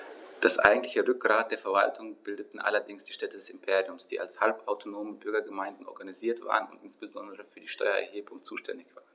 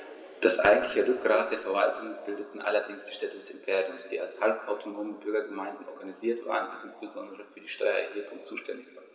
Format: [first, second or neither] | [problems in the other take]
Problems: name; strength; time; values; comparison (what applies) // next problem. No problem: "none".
first | room echo; dies away in 2.1 s